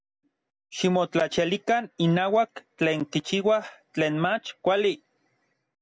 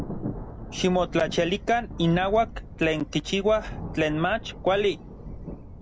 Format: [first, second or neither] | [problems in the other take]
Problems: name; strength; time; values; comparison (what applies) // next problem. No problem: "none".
first | background sound (Thunder); 11 dB below the speech